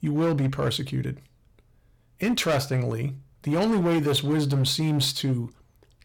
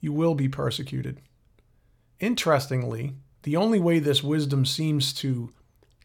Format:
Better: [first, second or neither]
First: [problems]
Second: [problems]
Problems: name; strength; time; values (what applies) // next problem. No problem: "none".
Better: second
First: distortion; slight; 11% of the sound clipped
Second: none